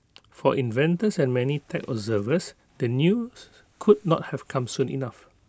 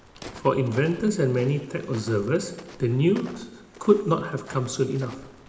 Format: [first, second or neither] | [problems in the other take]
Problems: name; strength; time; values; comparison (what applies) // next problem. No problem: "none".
first | background sound (Walk, footsteps); 20 dB below the speech // room echo; dies away in 0.8 s